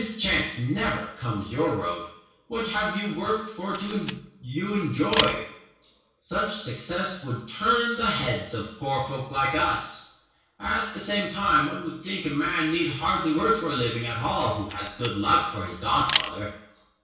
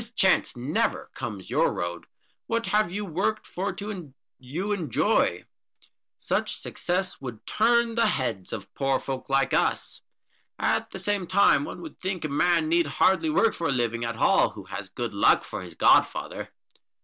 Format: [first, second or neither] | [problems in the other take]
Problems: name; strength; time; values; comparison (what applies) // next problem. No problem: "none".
second | background sound (Camera); 8 dB below the speech // room echo; dies away in 0.6 s